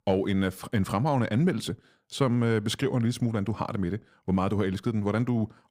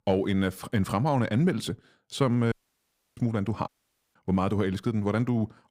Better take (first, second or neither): first